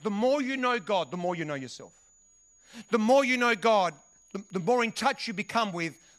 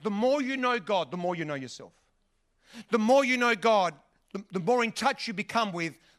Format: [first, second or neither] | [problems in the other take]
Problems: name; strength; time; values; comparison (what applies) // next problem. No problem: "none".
second | high-pitched whine; faint; throughout; 7 kHz, 30 dB below the speech